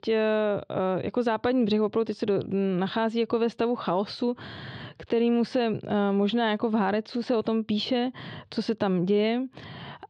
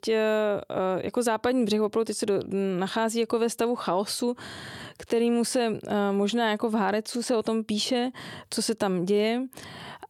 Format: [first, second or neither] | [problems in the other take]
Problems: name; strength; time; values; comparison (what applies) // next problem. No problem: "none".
second | muffled; very slightly; fading above 4 kHz